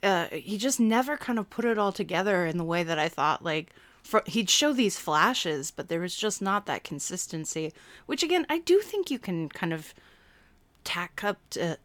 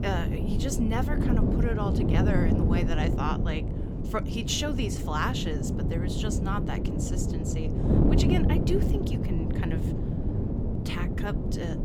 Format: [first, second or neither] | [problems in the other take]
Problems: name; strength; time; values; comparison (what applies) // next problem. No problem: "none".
first | wind noise on the microphone; heavy; 2 dB below the speech